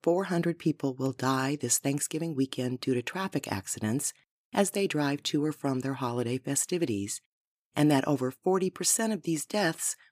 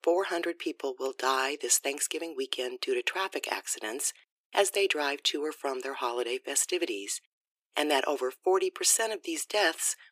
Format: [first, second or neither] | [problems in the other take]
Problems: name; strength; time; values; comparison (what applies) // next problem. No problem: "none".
first | thin; very; fading below 350 Hz